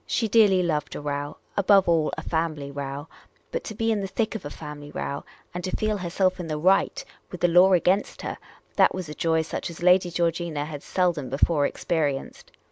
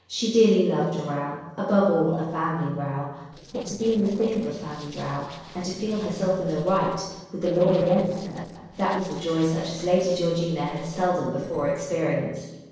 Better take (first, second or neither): first